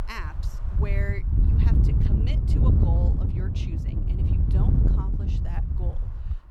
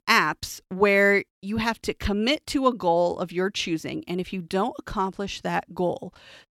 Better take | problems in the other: second | wind noise on the microphone; heavy; 3 dB above the speech

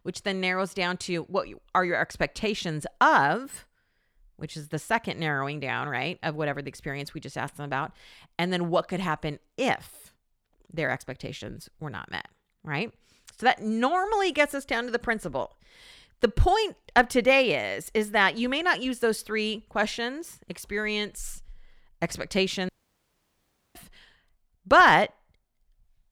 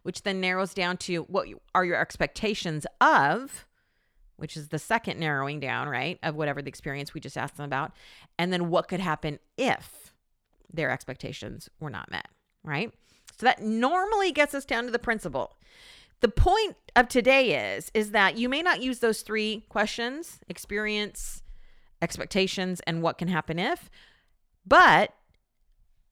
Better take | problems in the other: second | audio cutting out; at 23 s for 1 s

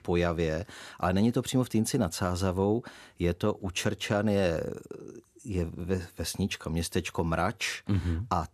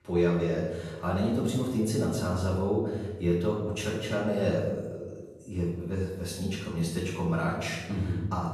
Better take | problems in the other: first | off-mic speech; far // room echo; noticeable; dies away in 1.2 s

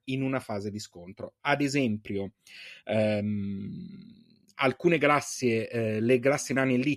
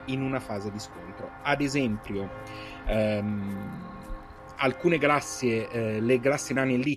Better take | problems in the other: first | footsteps; faint; peak 10 dB below the speech

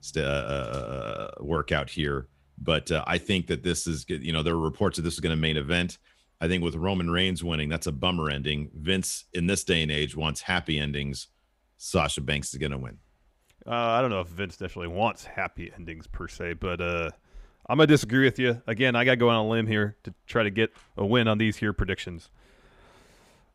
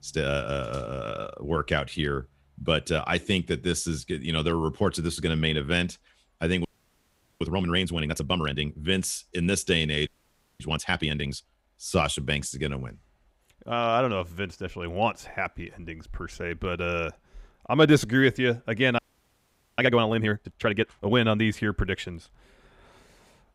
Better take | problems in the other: first | audio freezing; at 6.5 s for 1 s, at 10 s for 0.5 s and at 19 s for 1 s

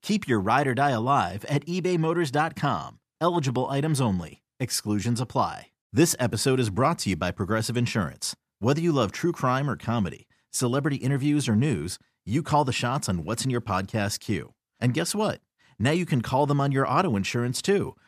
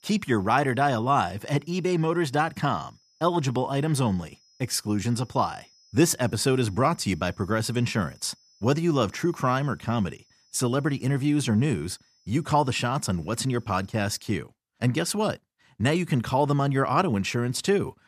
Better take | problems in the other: first | high-pitched whine; faint; until 14 s; 5 kHz, 35 dB below the speech

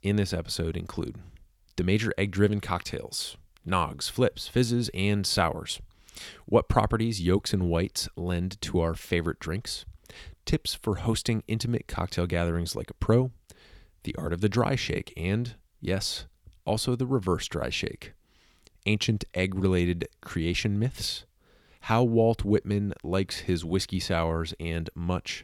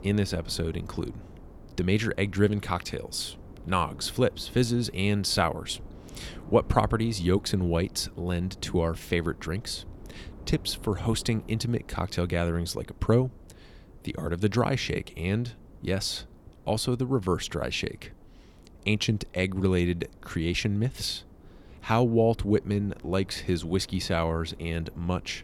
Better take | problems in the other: first | wind noise on the microphone; occasional gusts; 25 dB below the speech

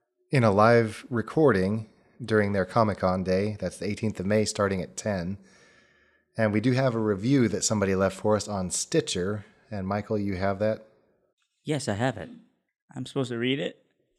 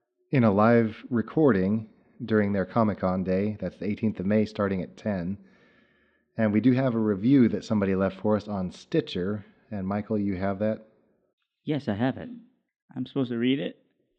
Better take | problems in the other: first | muffled; slightly; fading above 3.5 kHz

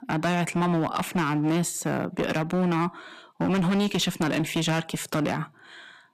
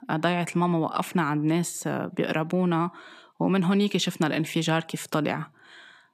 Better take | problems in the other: second | distortion; slight; 15% of the sound clipped

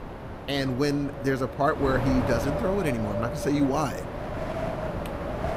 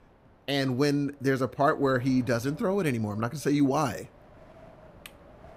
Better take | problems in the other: second | wind noise on the microphone; heavy; 5 dB below the speech; occasional gusts in the second

